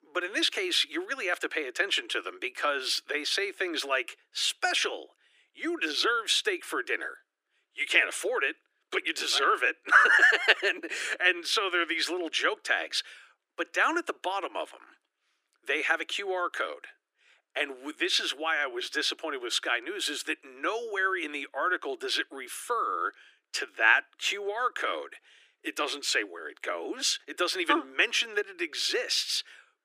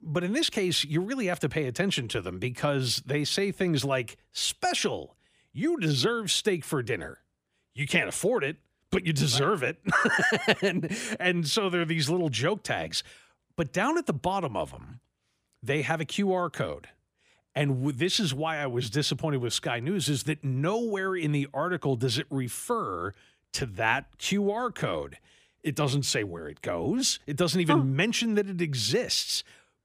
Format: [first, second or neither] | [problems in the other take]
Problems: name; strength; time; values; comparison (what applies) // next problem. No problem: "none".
second | thin; very; fading below 300 Hz